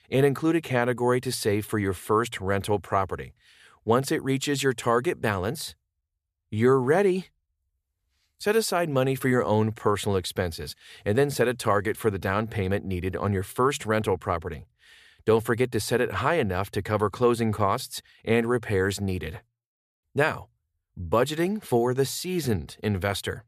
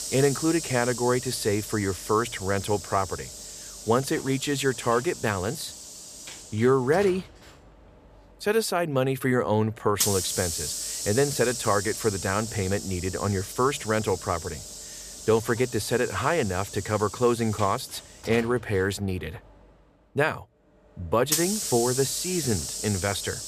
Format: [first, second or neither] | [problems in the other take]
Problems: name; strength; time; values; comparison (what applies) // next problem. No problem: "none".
first | hiss; loud; throughout; 7 dB below the speech